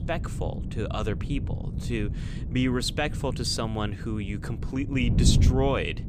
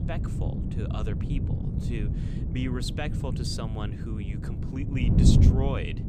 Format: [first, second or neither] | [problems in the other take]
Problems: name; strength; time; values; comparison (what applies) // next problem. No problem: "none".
first | wind noise on the microphone; heavy; as loud as the speech; occasional gusts in the first